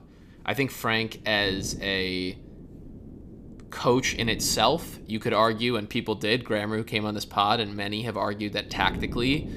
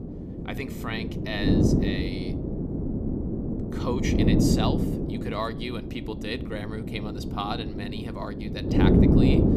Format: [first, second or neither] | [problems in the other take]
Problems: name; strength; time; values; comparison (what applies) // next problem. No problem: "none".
first | wind noise on the microphone; heavy; 2 dB above the speech; occasional gusts in the first